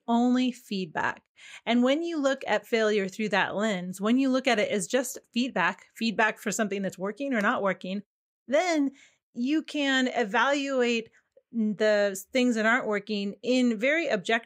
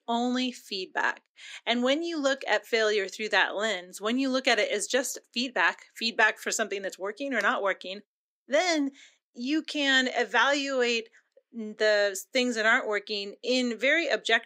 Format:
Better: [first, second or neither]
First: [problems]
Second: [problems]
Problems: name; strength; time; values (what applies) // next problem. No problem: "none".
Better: first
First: none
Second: thin; very slightly; fading below 250 Hz